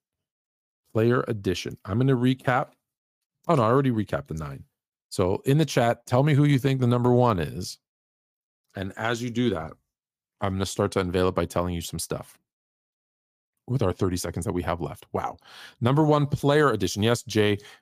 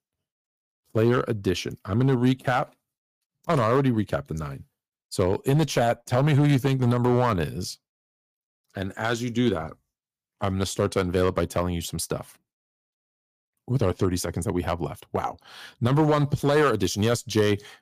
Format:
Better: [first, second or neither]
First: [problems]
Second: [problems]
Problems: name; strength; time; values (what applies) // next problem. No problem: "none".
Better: first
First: none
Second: distortion; slight; 2% of the sound clipped